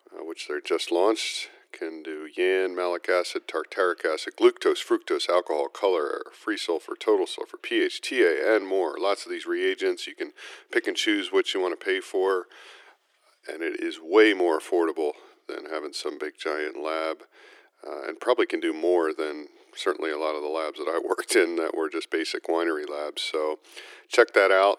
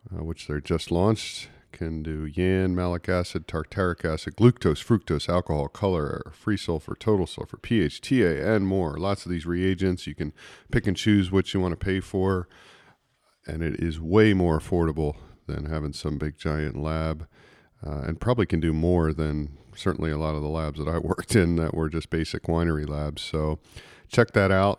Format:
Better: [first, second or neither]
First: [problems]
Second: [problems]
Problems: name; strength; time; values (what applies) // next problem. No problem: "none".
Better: second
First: thin; very; fading below 350 Hz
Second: none